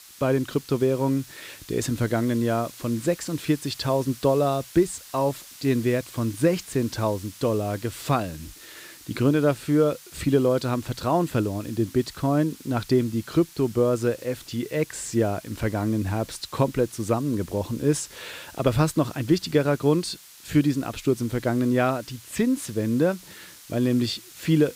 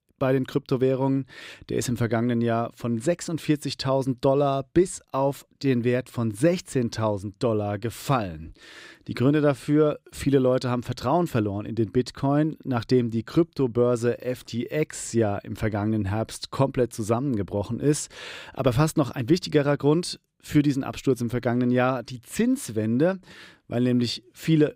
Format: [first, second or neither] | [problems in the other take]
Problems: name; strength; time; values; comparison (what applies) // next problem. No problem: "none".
second | hiss; noticeable; throughout; 20 dB below the speech